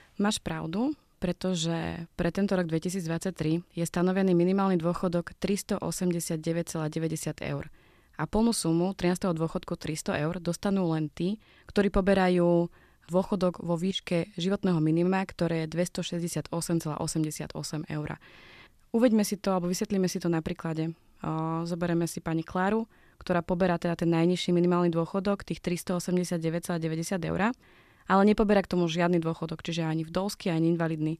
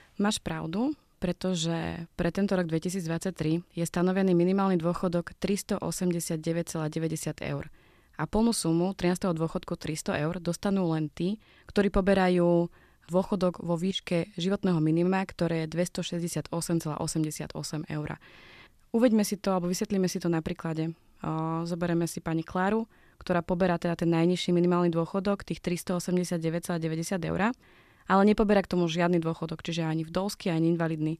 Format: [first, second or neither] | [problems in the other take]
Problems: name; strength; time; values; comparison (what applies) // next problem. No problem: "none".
neither | none